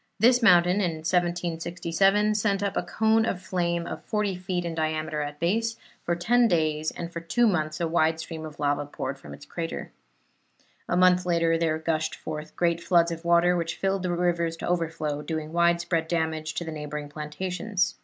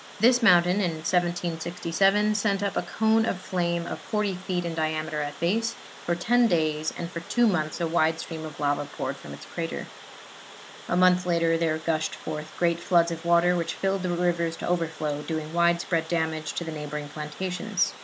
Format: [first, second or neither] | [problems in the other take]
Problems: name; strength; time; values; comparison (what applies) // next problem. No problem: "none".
first | background sound (Water); 18 dB below the speech